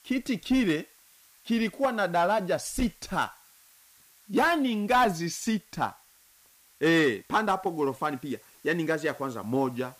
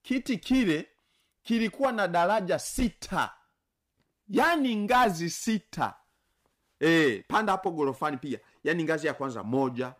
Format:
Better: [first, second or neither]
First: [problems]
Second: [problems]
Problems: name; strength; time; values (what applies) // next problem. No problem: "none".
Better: second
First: hiss; faint; throughout; 30 dB below the speech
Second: none